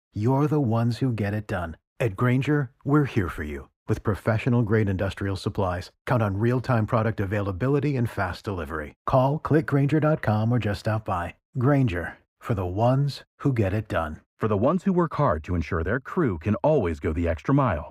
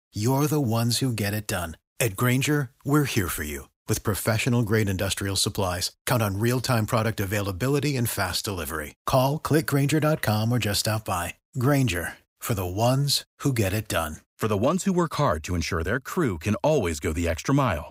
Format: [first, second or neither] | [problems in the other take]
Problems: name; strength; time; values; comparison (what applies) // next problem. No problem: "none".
second | muffled; very; fading above 3.5 kHz